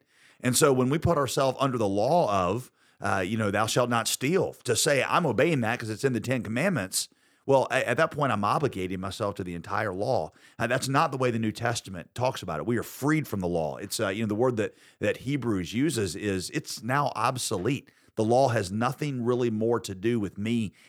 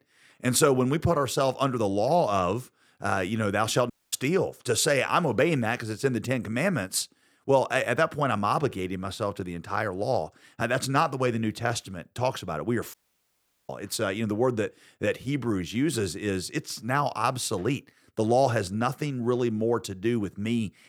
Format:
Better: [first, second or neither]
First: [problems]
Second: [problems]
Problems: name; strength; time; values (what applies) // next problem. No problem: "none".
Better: first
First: none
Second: audio cutting out; at 4 s and at 13 s for 1 s